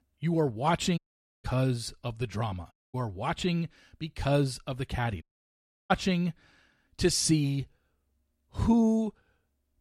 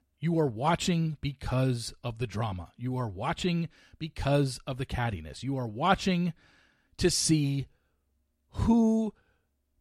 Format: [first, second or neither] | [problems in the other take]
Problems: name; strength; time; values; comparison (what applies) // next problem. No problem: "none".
second | audio cutting out; at 1 s, at 2.5 s and at 5 s for 0.5 s